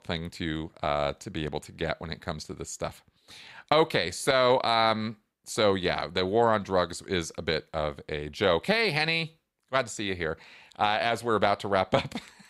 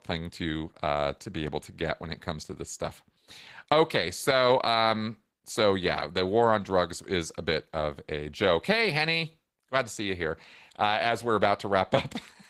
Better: first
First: none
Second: garbled, watery; slightly; nothing above 15.5 kHz

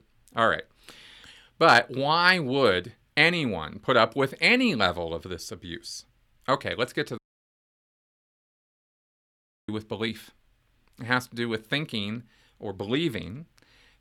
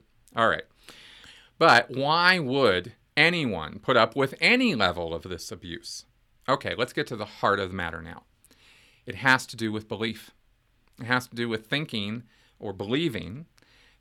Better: second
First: audio cutting out; at 7 s for 2.5 s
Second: none

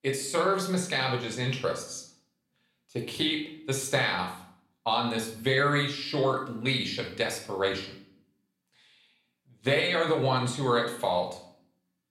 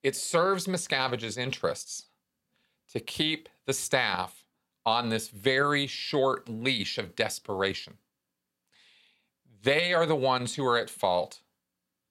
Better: second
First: room echo; slight; dies away in 0.5 s // off-mic speech; somewhat distant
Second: none

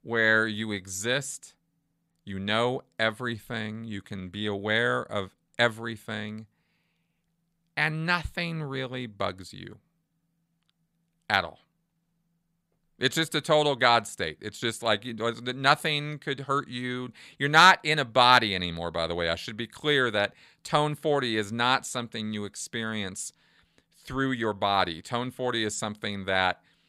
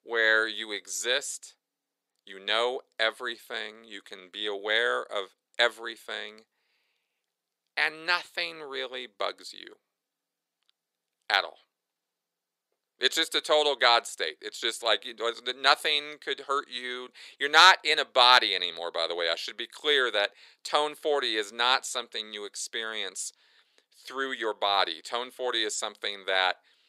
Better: first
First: none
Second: thin; very; fading below 400 Hz

